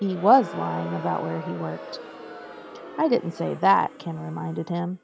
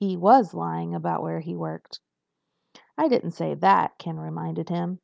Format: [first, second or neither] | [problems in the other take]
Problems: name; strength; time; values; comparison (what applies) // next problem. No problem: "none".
second | background sound (Crowd); 14 dB below the speech